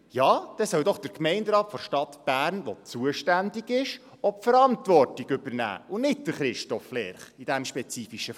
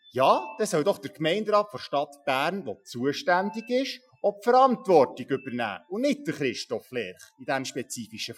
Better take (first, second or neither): first